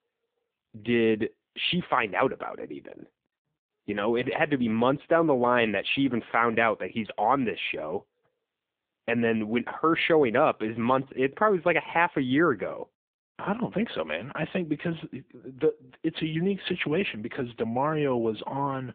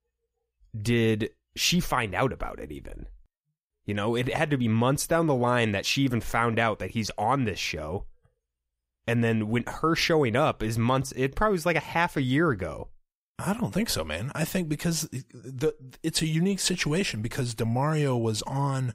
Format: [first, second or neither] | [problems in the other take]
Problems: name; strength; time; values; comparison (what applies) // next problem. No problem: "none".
second | phone-call audio